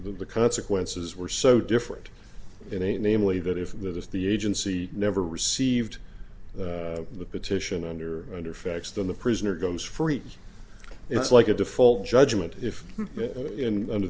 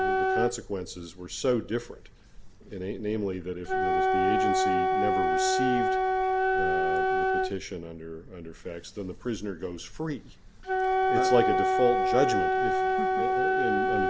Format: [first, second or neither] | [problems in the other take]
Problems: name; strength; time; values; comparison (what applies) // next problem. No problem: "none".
first | background sound (Wind instrument, woodwind instrument); 5 dB above the speech